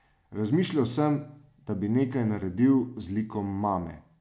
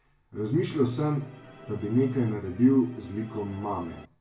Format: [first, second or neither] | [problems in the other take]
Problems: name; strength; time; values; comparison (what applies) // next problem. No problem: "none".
first | background sound (Musical instrument); 20 dB below the speech // room echo; dies away in 0.2 s